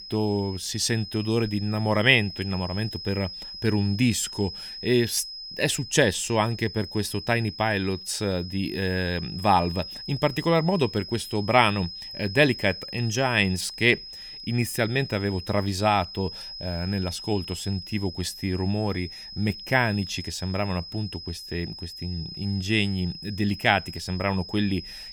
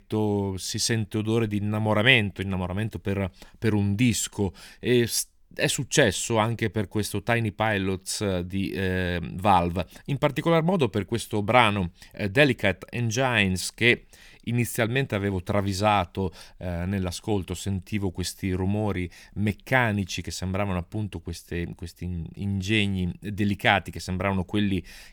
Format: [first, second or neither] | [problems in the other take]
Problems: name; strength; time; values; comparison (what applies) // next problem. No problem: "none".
second | high-pitched whine; noticeable; throughout; 5 kHz, 10 dB below the speech